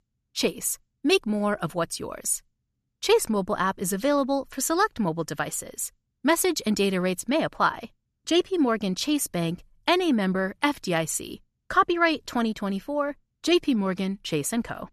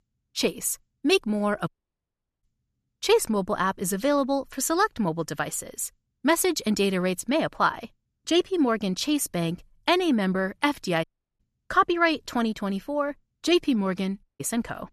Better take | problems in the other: first | audio cutting out; at 1.5 s for 1 s, at 11 s and at 14 s

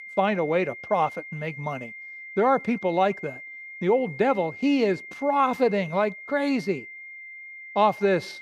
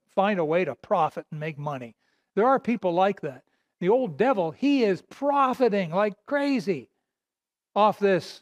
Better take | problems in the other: second | high-pitched whine; noticeable; throughout; 2 kHz, 15 dB below the speech

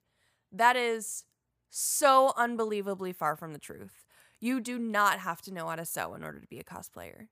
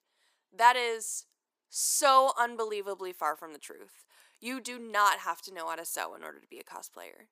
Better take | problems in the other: first | thin; somewhat; fading below 300 Hz

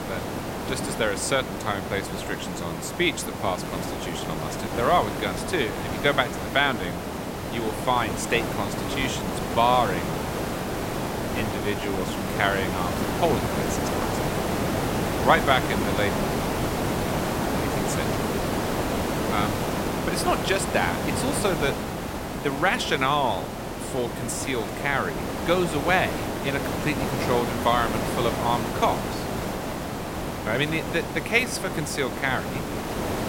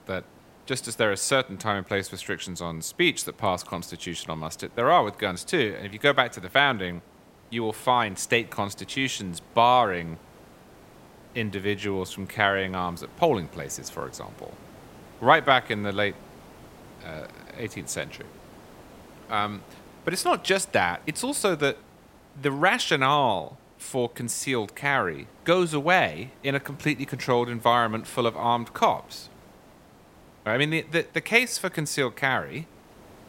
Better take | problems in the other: second | hiss; loud; throughout; 2 dB below the speech; faint in the second

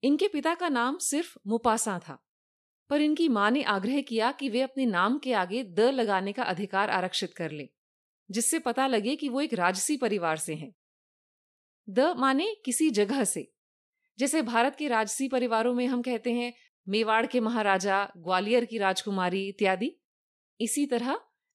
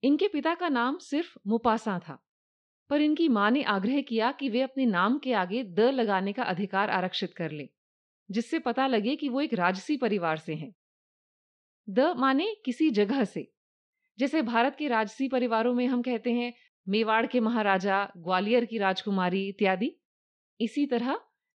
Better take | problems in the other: first | muffled; very slightly; fading above 4.5 kHz

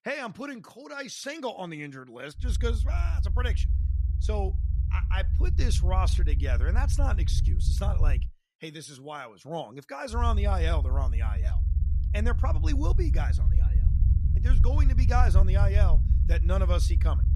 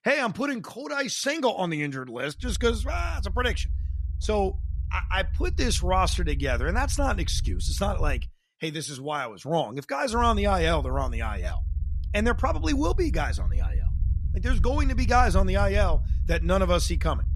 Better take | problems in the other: second | low rumble; loud; from 2.5 to 8 s and from 10 s on; 9 dB below the speech; faint in the second

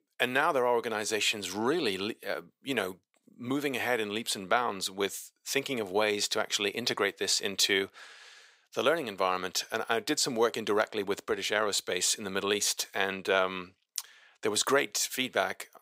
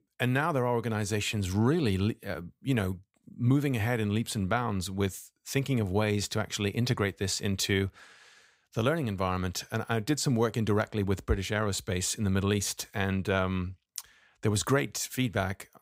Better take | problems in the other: second | thin; somewhat; fading below 450 Hz

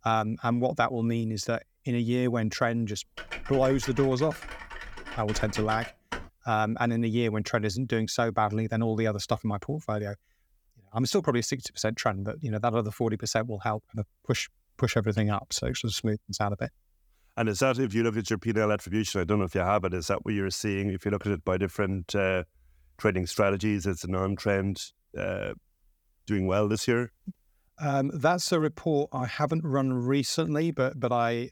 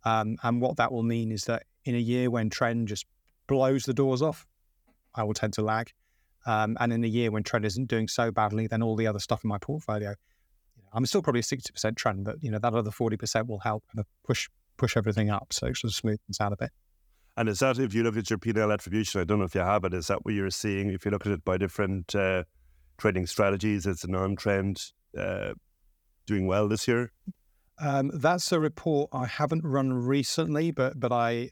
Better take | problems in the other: second | keyboard typing; noticeable; from 3 to 6.5 s; peak 8 dB below the speech

